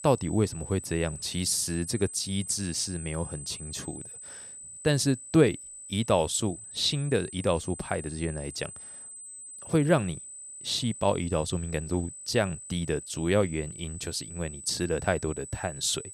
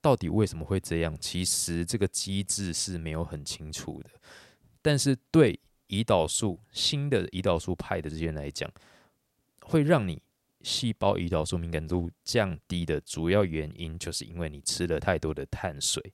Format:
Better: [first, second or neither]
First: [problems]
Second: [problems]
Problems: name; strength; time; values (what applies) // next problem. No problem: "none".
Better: second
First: high-pitched whine; noticeable; throughout; 8 kHz, 10 dB below the speech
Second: none